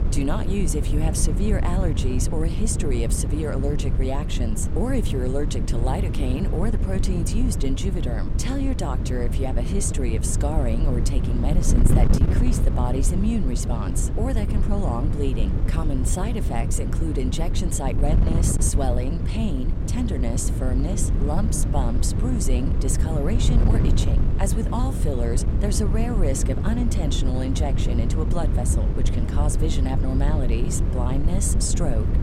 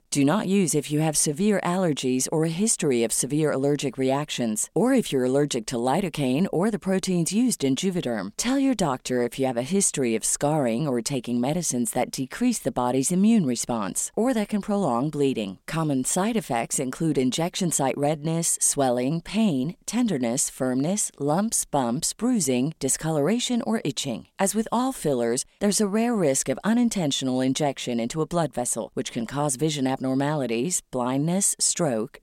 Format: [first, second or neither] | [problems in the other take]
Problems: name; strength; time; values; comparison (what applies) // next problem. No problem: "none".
second | wind noise on the microphone; heavy; 5 dB below the speech